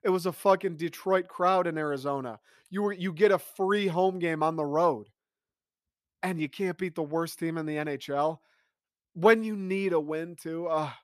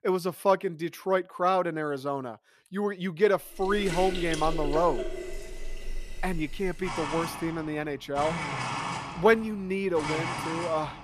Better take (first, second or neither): first